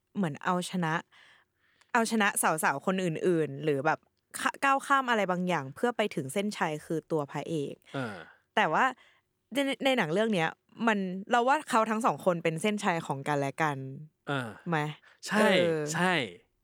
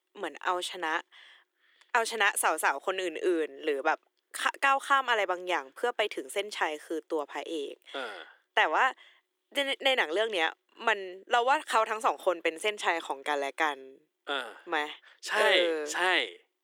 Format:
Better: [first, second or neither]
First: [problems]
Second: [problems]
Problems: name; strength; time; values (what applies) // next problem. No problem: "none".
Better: first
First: none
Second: thin; very; fading below 350 Hz